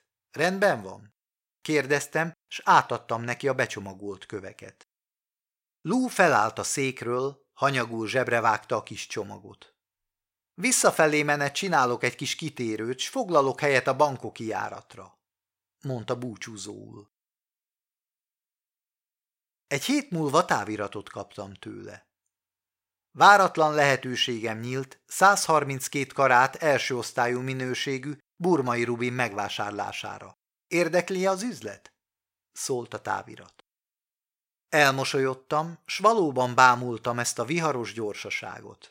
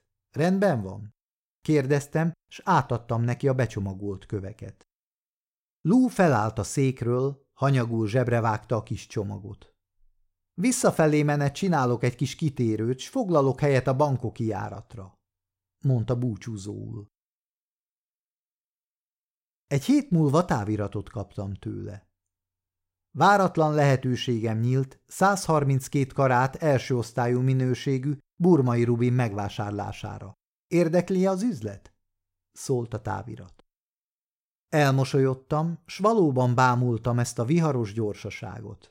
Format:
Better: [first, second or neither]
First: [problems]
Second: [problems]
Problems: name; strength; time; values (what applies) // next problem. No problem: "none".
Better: second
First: thin; somewhat; fading below 850 Hz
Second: none